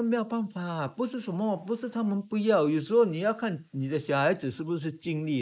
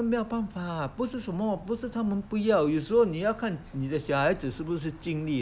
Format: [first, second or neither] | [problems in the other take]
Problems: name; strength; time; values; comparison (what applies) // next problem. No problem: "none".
second | noise reduction (neural mask model Resemble Enhance denoiser)